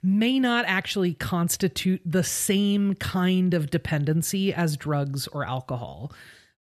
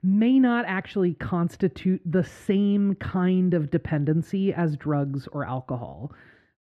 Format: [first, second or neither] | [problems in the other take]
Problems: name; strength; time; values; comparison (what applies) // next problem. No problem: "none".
first | muffled; very; fading above 3.5 kHz